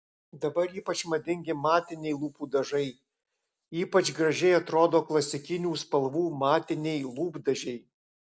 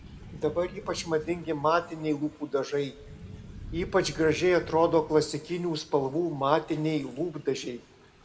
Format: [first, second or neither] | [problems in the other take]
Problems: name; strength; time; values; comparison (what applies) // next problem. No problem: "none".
first | background sound (Thunder / Rain); 18 dB below the speech // room echo; dies away in 1.1 s